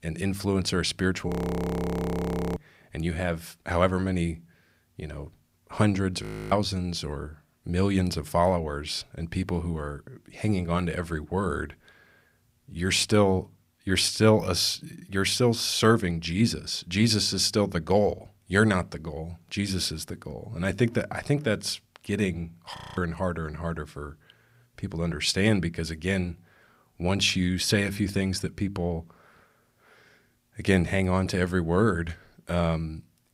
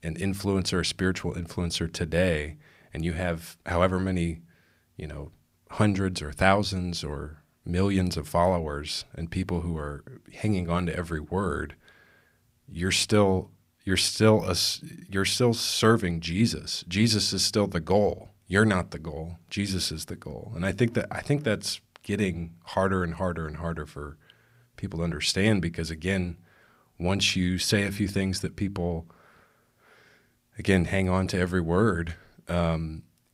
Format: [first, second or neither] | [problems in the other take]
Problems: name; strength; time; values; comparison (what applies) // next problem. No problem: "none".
second | audio freezing; at 1.5 s for 1.5 s, at 6 s and at 23 s